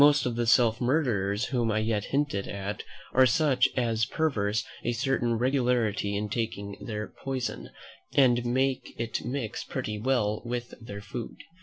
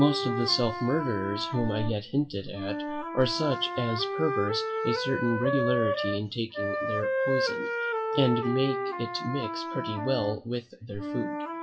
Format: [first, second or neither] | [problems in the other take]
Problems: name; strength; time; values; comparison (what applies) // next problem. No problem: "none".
first | noise reduction (classical method WPE with log-MMSE)